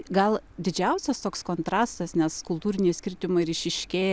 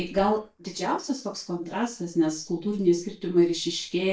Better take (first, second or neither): first